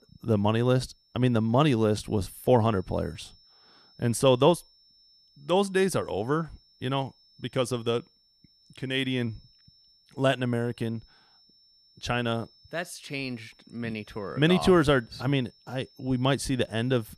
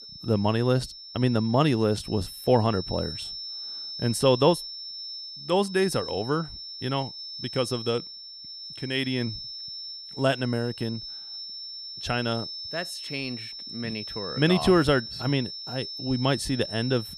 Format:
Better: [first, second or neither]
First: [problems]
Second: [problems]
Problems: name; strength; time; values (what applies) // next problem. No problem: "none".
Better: first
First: high-pitched whine; faint; throughout; 5.5 kHz, 30 dB below the speech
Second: high-pitched whine; loud; throughout; 5.5 kHz, 9 dB below the speech